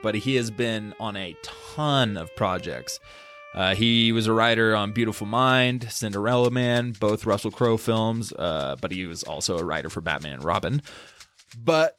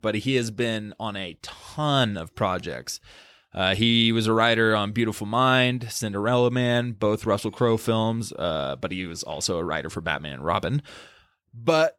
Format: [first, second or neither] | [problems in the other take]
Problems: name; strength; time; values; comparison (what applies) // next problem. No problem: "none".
second | background music; faint; throughout; 25 dB below the speech